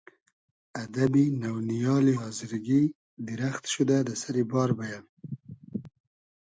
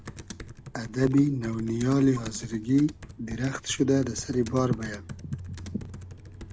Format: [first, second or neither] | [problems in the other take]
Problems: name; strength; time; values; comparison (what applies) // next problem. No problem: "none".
first | background sound (Computer keyboard); 14 dB below the speech